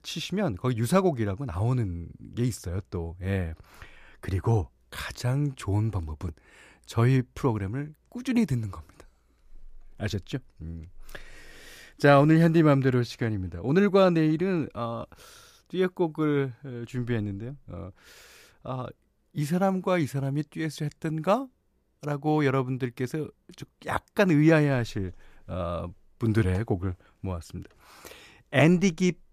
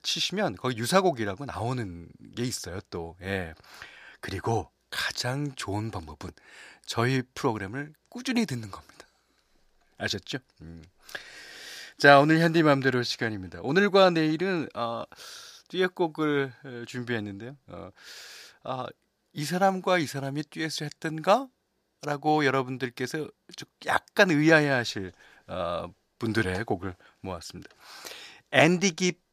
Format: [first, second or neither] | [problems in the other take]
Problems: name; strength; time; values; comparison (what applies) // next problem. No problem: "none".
first | thin; somewhat; fading below 600 Hz